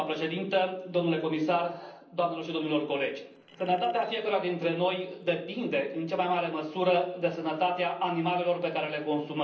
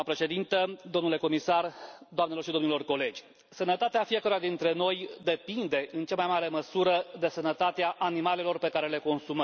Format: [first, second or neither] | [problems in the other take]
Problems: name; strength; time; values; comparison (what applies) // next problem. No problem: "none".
second | noise reduction (neural separator model SepFormer DNS4)